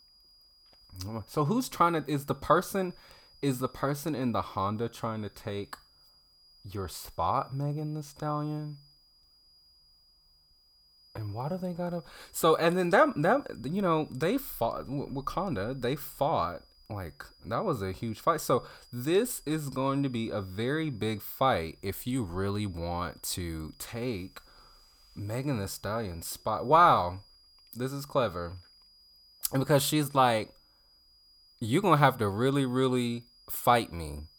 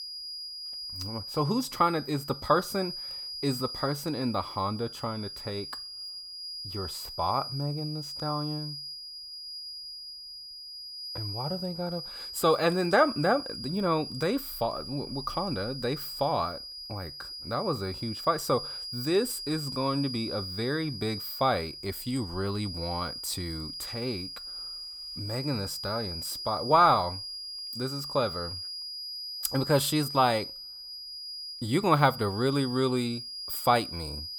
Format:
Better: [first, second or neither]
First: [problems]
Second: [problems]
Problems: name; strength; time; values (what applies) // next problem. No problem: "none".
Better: first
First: high-pitched whine; faint; throughout; 5 kHz, 30 dB below the speech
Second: high-pitched whine; loud; throughout; 5 kHz, 7 dB below the speech